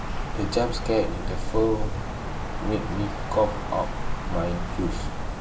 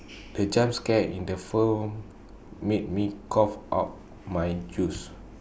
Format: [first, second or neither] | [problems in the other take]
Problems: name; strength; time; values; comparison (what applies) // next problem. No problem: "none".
second | background sound (Wind); as loud as the speech // room echo; dies away in 0.2 s